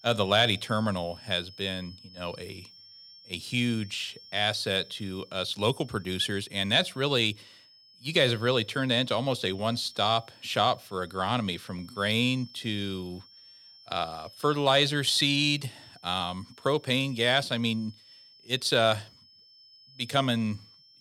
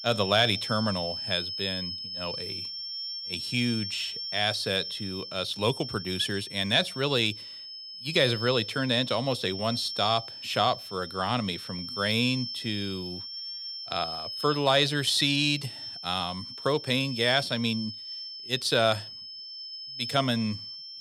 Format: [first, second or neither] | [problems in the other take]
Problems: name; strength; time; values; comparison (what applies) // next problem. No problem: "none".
first | high-pitched whine; loud; throughout; 5.5 kHz, 8 dB below the speech; faint in the first